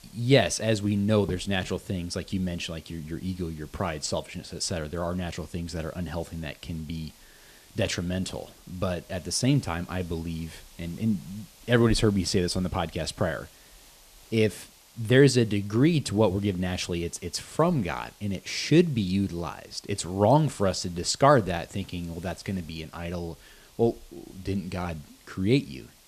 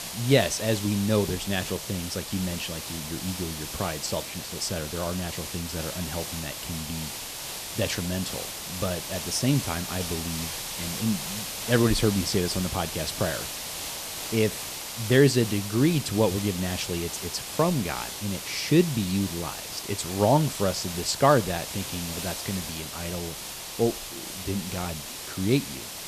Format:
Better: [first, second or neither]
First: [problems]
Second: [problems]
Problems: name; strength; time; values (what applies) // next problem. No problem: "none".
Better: first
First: hiss; faint; throughout; 25 dB below the speech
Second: hiss; loud; throughout; 6 dB below the speech